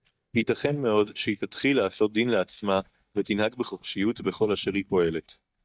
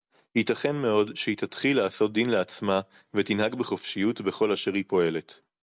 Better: second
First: noise reduction (neural mask model DeepFilterNet 3)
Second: none

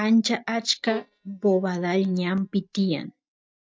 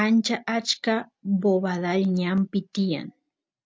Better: second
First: noise reduction (neural mask model DeepFilterNet 3)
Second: none

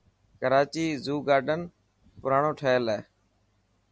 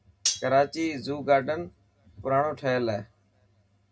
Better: first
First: none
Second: background sound (Cutlery, silverware); 6 dB below the speech // room echo; dies away in 0.2 s

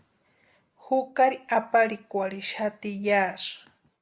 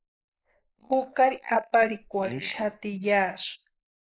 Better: first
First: none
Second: noise reduction (neural mask model Resemble Enhance denoiser)

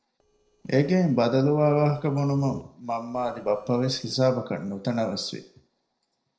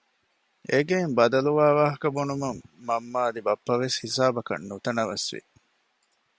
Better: second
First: noise reduction (neural separator model SepFormer DNS4)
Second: none

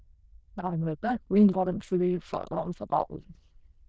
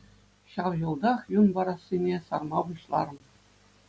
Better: second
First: noise reduction (neural diffusion model UNIVERSE++)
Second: none

